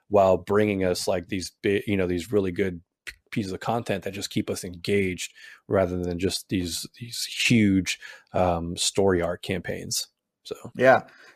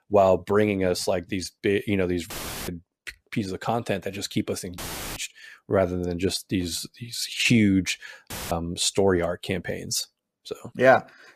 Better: first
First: none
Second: audio cutting out; filled with static; at 2.5 s, at 5 s and at 8.5 s

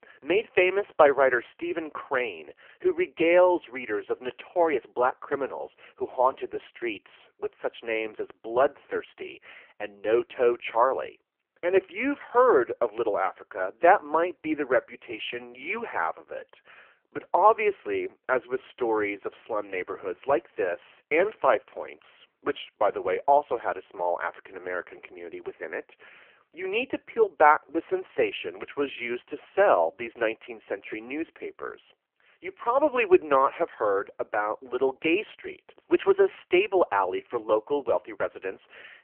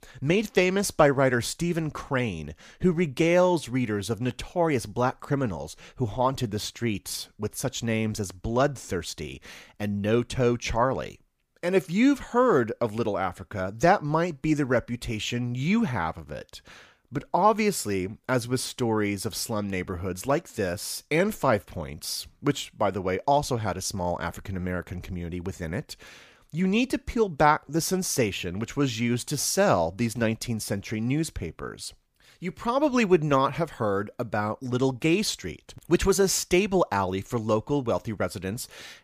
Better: second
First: phone-call audio; poor line; nothing above 3 kHz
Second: none

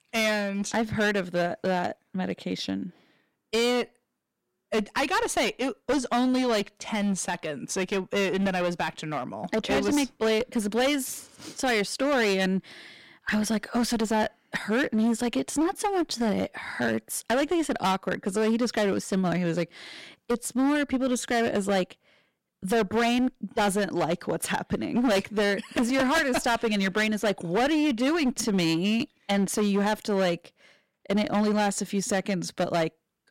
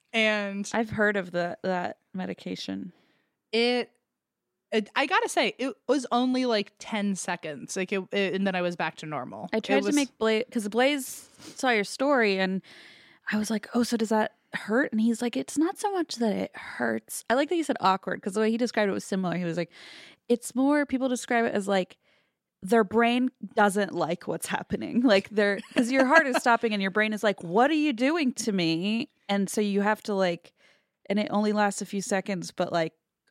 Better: second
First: distortion; heavy; 15% of the sound clipped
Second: none

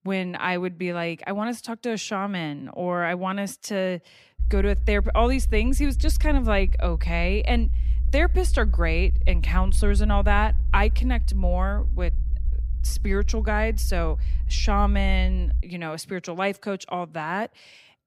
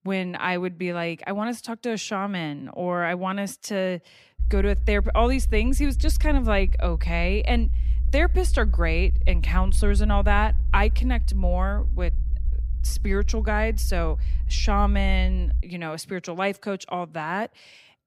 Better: neither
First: low rumble; noticeable; from 4.5 to 16 s; 20 dB below the speech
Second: low rumble; noticeable; from 4.5 to 16 s; 20 dB below the speech

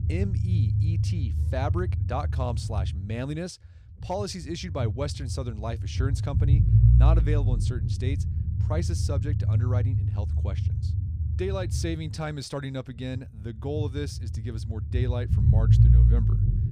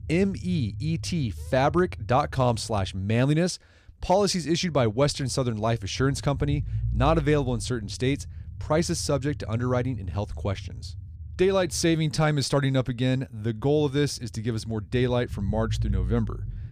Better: second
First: low rumble; loud; throughout; 4 dB below the speech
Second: low rumble; faint; throughout; 25 dB below the speech

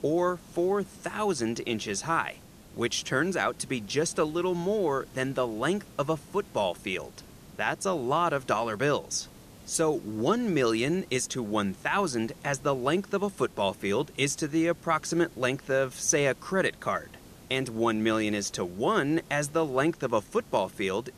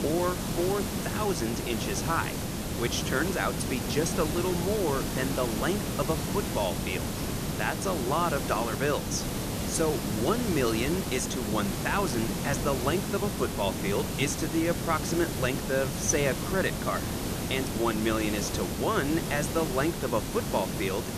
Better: first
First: hiss; faint; throughout; 20 dB below the speech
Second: hiss; loud; throughout; 2 dB below the speech

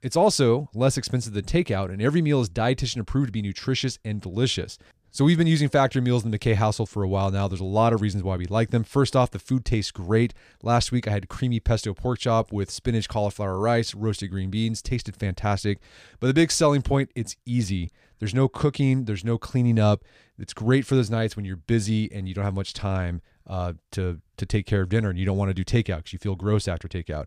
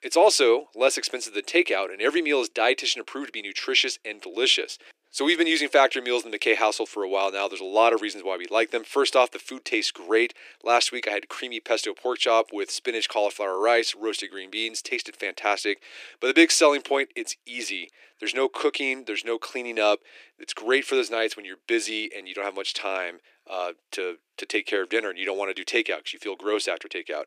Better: first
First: none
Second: thin; very; fading below 300 Hz

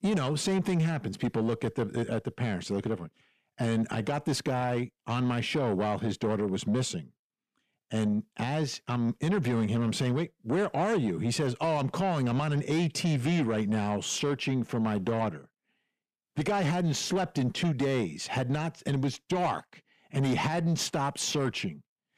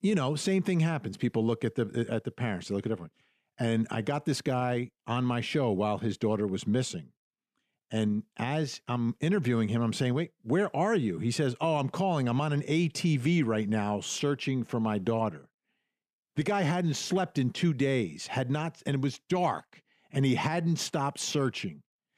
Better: second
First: distortion; slight; 10 dB below the speech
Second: none

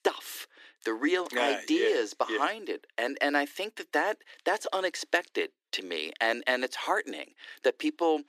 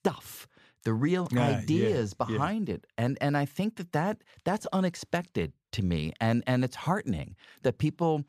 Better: second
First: thin; somewhat; fading below 300 Hz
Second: none

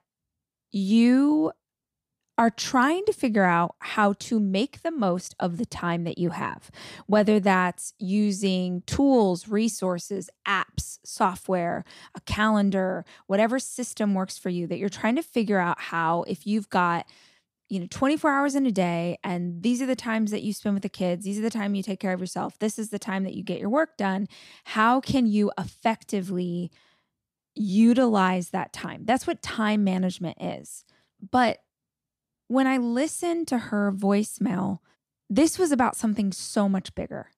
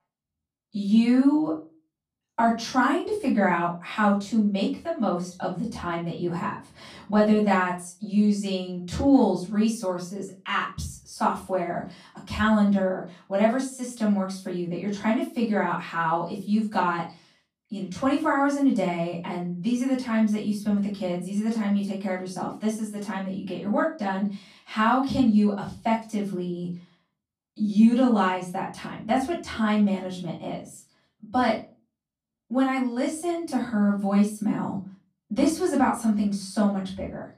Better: first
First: none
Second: off-mic speech; far // room echo; slight; dies away in 0.3 s

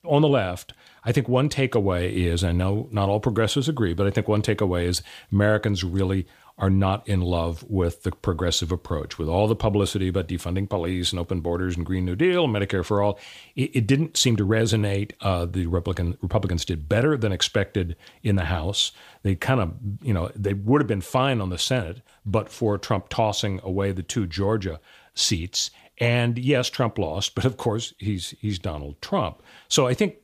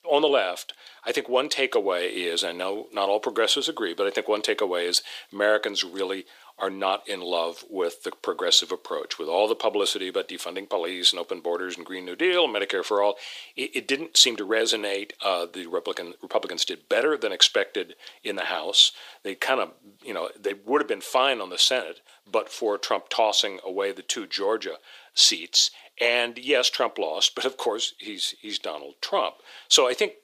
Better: first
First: none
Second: thin; very; fading below 400 Hz

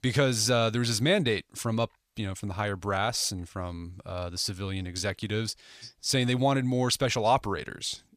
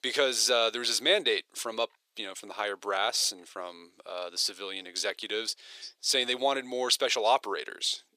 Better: first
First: none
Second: thin; very; fading below 400 Hz

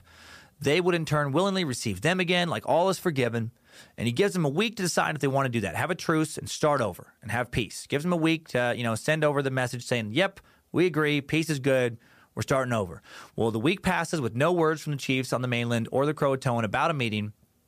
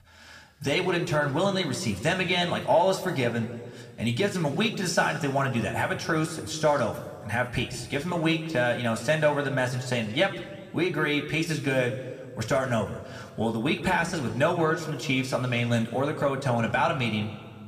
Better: first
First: none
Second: room echo; slight; dies away in 1.4 s

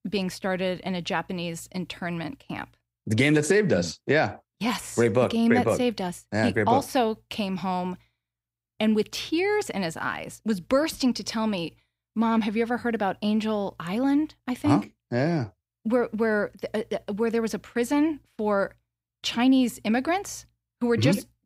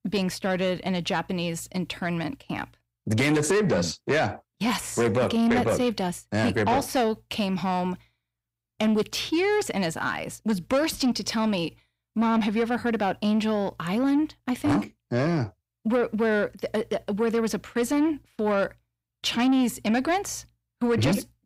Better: first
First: none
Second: distortion; slight; 10 dB below the speech

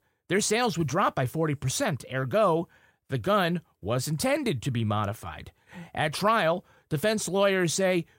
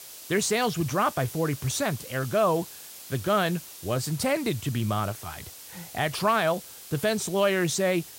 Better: first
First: none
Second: hiss; noticeable; throughout; 15 dB below the speech

